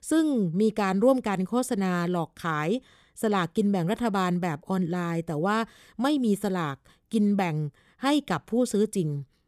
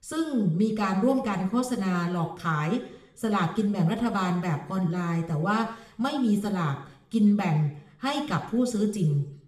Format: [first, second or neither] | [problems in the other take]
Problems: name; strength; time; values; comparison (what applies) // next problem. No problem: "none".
first | room echo; slight; dies away in 0.7 s // off-mic speech; somewhat distant